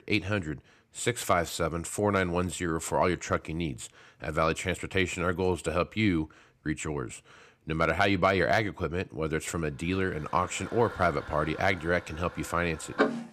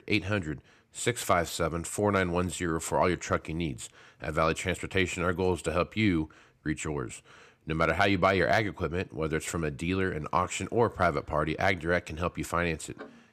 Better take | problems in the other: second | household noises; loud; from 10 s on; 9 dB below the speech; faint in the second

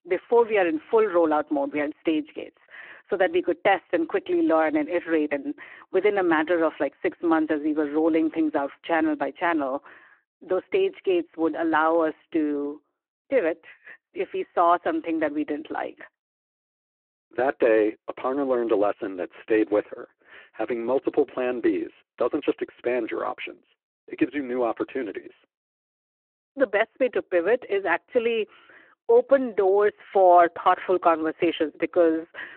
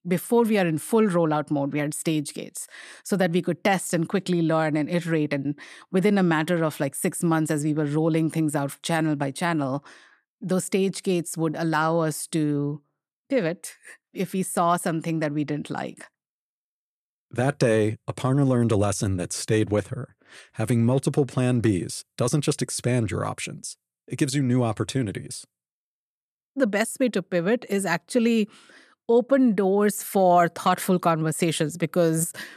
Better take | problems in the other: second | phone-call audio

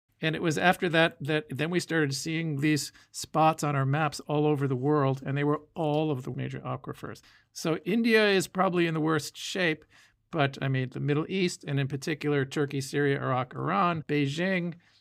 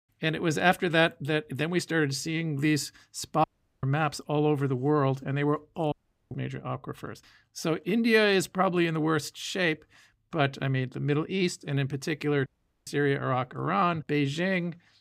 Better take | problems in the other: first | audio cutting out; at 3.5 s, at 6 s and at 12 s

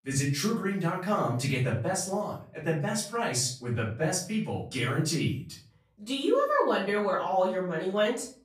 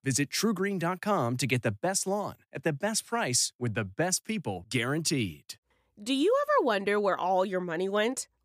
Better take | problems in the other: second | off-mic speech; far // room echo; noticeable; dies away in 0.4 s

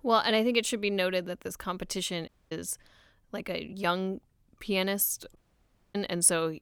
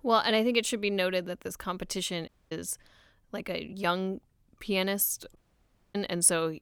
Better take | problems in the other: neither | audio cutting out; at 2.5 s and at 5.5 s for 0.5 s; the same in both

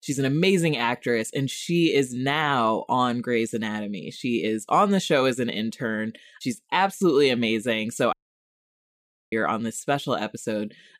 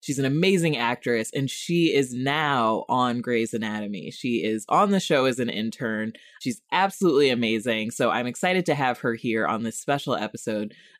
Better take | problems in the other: second | audio cutting out; at 8 s for 1 s

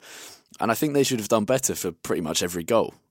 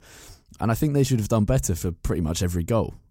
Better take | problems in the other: second | thin; somewhat; fading below 300 Hz

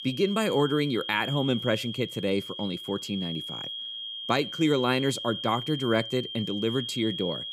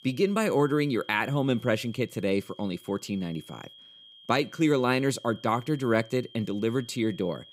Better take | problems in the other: second | high-pitched whine; loud; throughout; 3 kHz, 6 dB below the speech; faint in the second

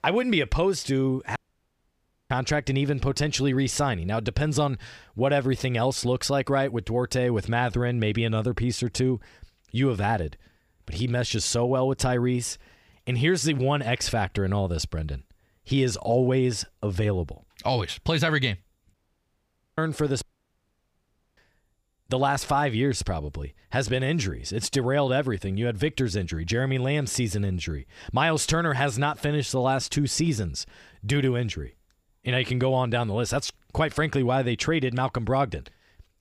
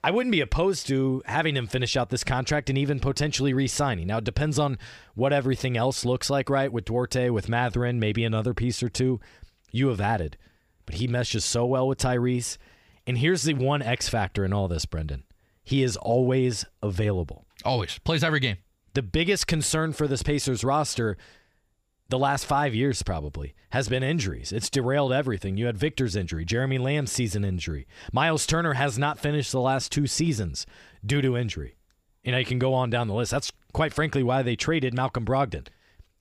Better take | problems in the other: second | audio cutting out; at 1.5 s for 1 s, at 19 s for 1 s and at 20 s for 1 s

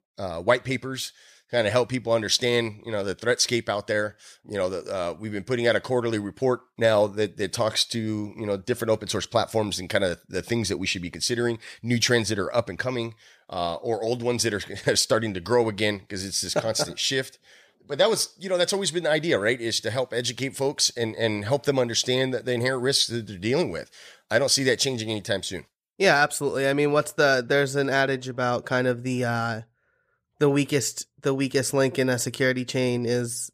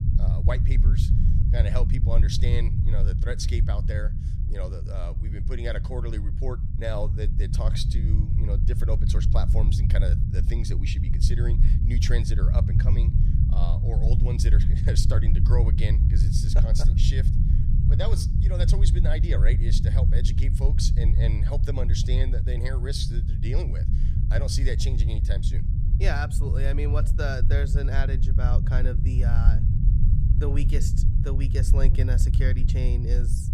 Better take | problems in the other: first | low rumble; loud; throughout; 4 dB below the speech

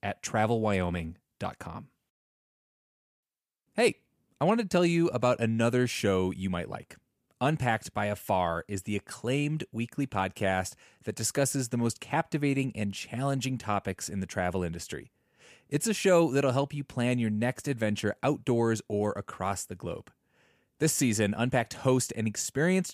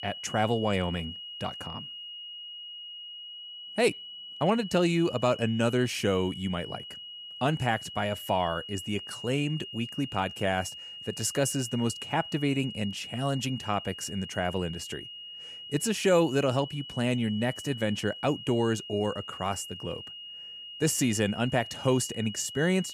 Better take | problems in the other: first | high-pitched whine; noticeable; throughout; 3 kHz, 10 dB below the speech

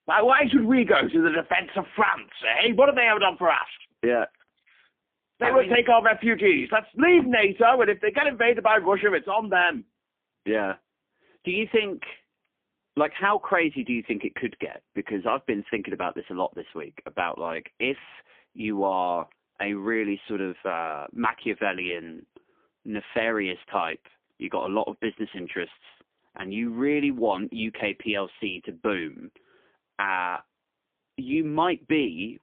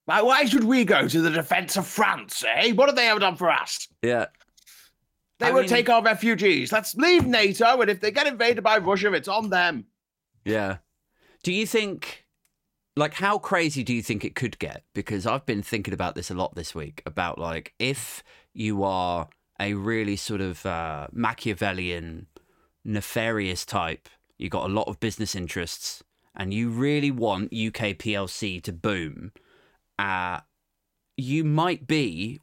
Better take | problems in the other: second | phone-call audio; poor line; nothing above 3.5 kHz

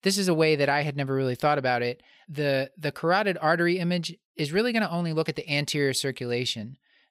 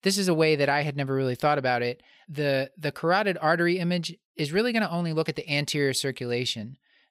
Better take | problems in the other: neither | none

